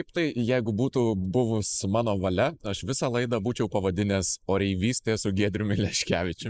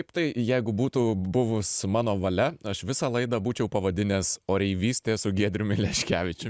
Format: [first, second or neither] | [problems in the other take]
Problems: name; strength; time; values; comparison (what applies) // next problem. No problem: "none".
second | noise reduction (neural mask model Resemble Enhance denoiser)